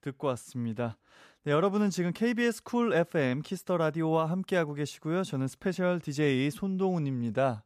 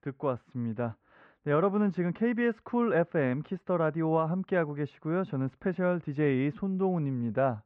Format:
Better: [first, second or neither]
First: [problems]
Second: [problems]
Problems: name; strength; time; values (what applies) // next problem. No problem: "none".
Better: first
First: none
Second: muffled; very; fading above 2 kHz